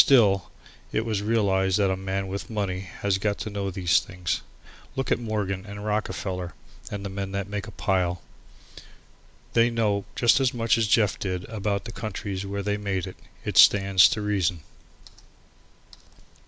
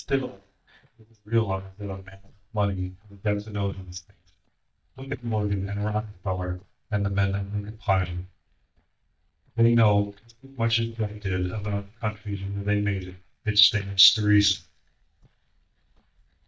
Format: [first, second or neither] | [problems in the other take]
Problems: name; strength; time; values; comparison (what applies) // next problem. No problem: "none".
first | noise reduction (neural mask model DeepFilterNet 3)